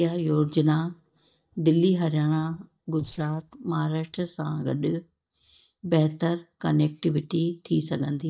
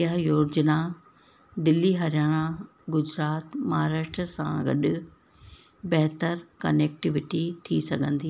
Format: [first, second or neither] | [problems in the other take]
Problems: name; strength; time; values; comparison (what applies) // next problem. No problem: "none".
second | noise reduction (neural mask model DeepFilterNet 3)